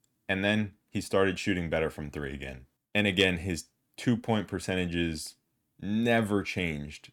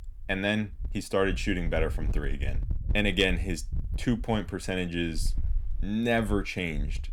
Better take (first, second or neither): first